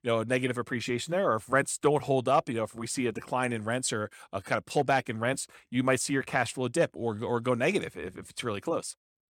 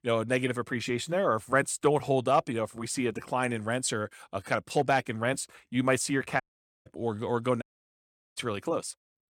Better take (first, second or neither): first